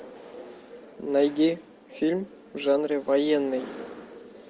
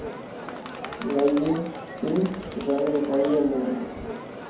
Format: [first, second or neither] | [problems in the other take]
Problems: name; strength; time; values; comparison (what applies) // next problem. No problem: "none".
first | background sound (Crowd); 11 dB below the speech // room echo; dies away in 0.9 s